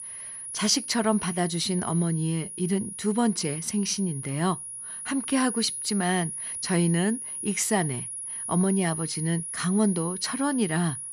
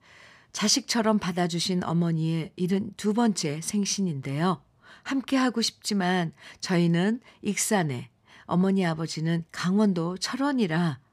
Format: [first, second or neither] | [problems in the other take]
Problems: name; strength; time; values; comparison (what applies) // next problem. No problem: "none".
second | high-pitched whine; loud; throughout; 10.5 kHz, 6 dB below the speech